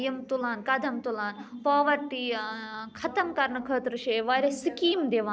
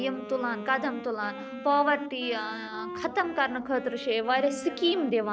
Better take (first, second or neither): first